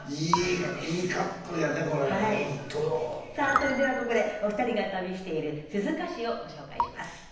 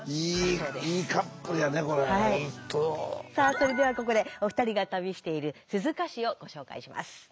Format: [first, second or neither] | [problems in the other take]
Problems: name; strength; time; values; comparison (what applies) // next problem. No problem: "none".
second | background sound (Raindrop / Drip); 9 dB below the speech // room echo; dies away in 0.9 s